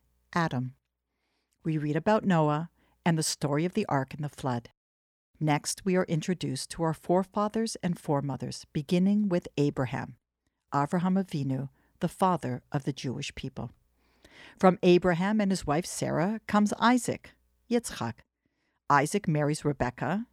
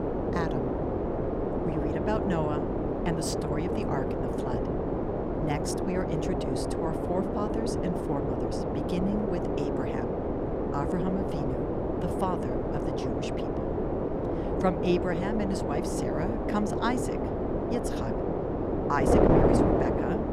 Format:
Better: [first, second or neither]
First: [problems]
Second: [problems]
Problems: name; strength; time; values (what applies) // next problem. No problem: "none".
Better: first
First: none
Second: wind noise on the microphone; heavy; 4 dB above the speech